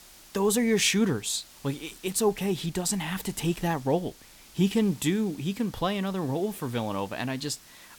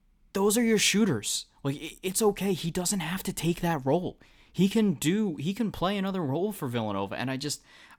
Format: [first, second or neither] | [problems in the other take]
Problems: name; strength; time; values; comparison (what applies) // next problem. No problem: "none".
second | hiss; faint; throughout; 20 dB below the speech